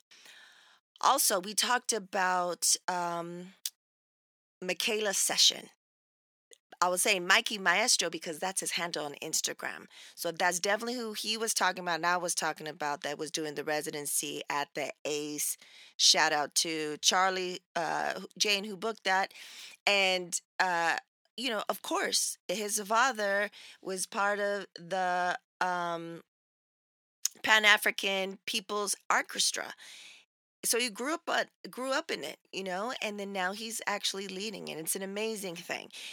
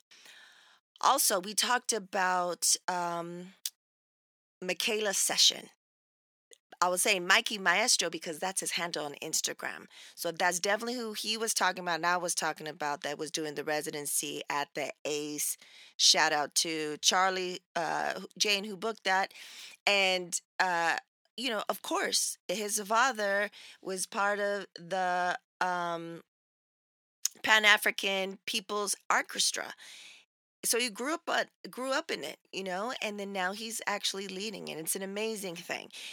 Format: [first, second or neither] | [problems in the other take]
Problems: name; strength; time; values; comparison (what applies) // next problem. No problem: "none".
neither | thin; very; fading below 500 Hz; the same in both